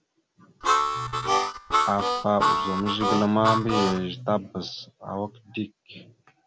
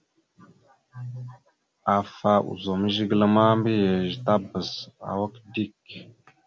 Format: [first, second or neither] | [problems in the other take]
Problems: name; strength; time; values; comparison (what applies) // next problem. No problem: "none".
second | background sound (Harmonica); 3 dB above the speech